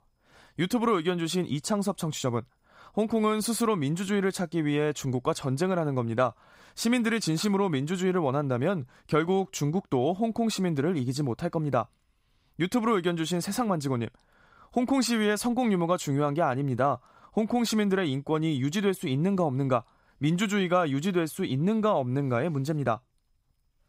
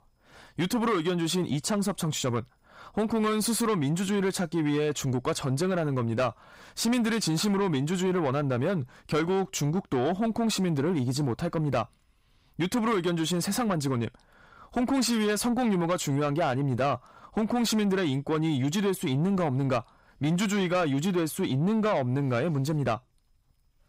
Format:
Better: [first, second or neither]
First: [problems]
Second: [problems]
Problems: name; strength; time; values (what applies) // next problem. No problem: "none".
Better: first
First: none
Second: distortion; slight; 10 dB below the speech